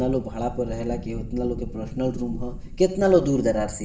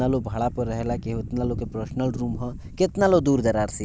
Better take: second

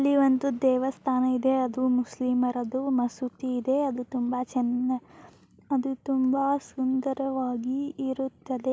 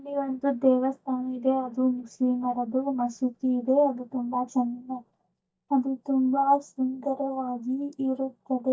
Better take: first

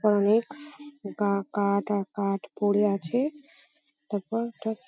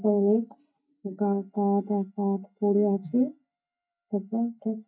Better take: first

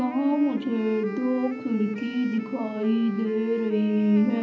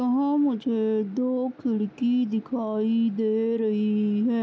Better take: second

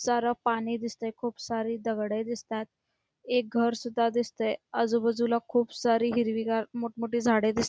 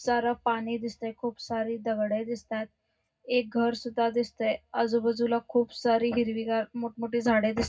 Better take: first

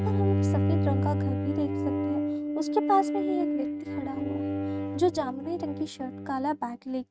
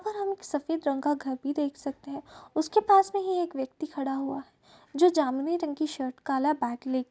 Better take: second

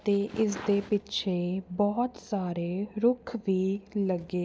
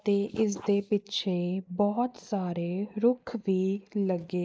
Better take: first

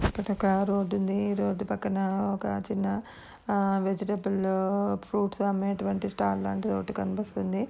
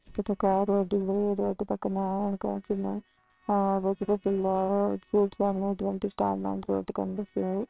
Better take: first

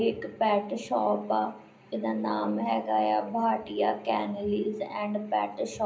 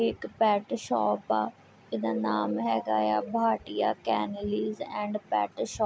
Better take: second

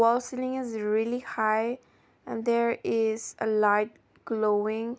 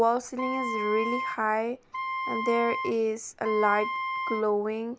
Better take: first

